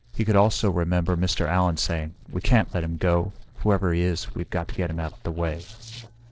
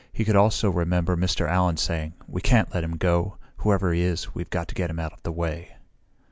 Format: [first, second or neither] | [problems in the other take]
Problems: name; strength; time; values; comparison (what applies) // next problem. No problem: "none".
second | noise reduction (neural separator model SepFormer DNS4)